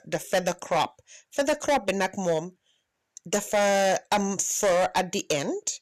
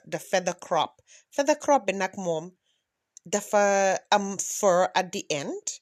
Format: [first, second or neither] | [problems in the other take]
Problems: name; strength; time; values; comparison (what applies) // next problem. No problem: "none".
second | distortion; heavy; 9% of the sound clipped